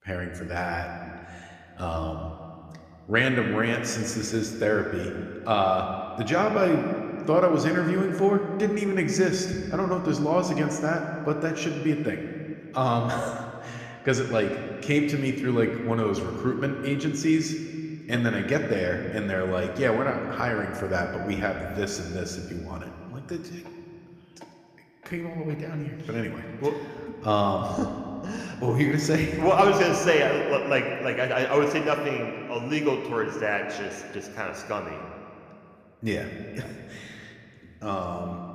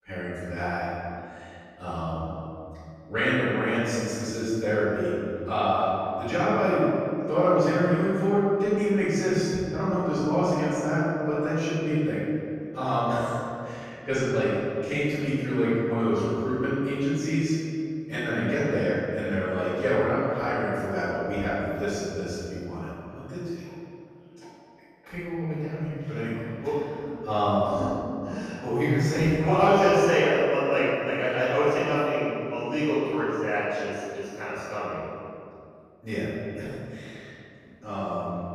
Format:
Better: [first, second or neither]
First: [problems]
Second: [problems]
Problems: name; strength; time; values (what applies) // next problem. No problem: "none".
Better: first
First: room echo; slight; dies away in 2.2 s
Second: room echo; strong; dies away in 2.4 s // off-mic speech; far